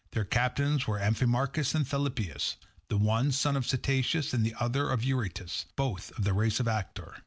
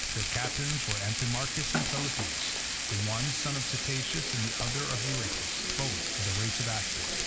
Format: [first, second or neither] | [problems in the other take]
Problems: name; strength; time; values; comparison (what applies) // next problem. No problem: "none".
first | background sound (Frying (food)); 3 dB above the speech